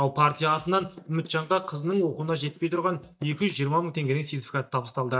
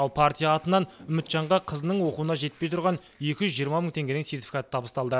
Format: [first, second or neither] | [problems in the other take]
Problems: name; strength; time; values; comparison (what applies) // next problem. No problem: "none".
second | noise reduction (neural mask model DeepFilterNet 3)